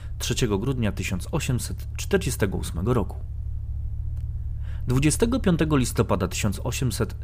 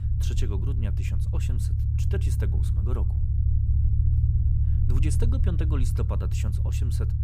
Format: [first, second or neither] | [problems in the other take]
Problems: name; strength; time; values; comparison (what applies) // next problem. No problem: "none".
first | low rumble; loud; throughout; as loud as the speech; faint in the first